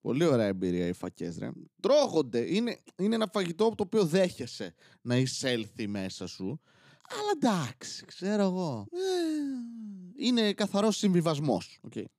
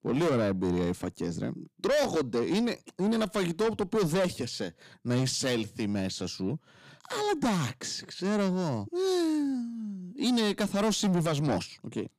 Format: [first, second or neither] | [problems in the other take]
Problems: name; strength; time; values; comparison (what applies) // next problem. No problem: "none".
first | distortion; heavy; 8 dB below the speech